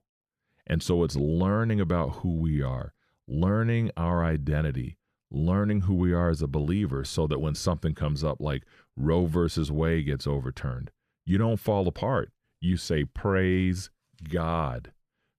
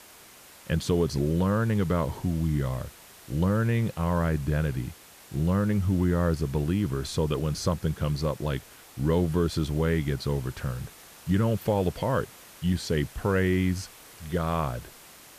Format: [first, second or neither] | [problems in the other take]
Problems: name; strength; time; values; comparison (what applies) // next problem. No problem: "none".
first | hiss; faint; throughout; 20 dB below the speech